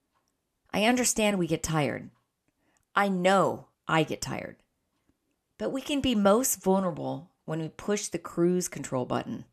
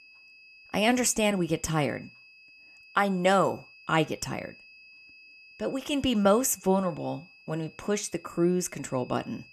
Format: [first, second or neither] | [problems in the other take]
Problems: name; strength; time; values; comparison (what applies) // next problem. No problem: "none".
first | high-pitched whine; faint; throughout; 2.5 kHz, 25 dB below the speech